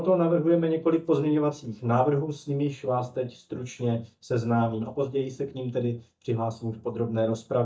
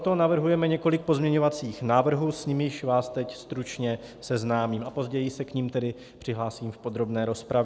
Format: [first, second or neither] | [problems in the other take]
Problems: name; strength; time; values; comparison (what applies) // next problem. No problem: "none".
second | noise reduction (neural mask model DeepFilterNet 3)